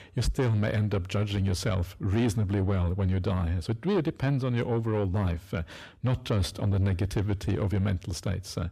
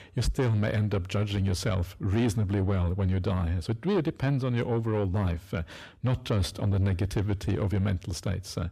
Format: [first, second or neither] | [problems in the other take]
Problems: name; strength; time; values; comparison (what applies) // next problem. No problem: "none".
neither | distortion; slight; 10 dB below the speech; the same in both